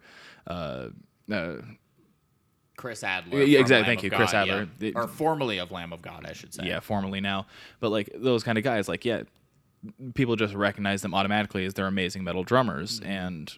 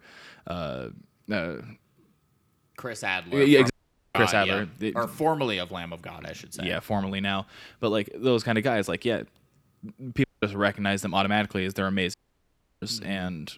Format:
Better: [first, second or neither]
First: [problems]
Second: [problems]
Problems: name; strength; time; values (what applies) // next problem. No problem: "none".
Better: first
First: none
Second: audio cutting out; at 3.5 s, at 10 s and at 12 s for 0.5 s